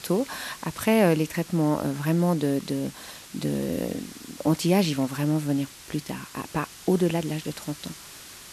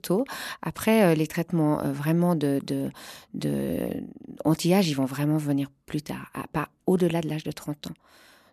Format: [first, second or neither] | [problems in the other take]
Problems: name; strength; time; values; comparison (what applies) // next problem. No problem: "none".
second | hiss; noticeable; throughout; 15 dB below the speech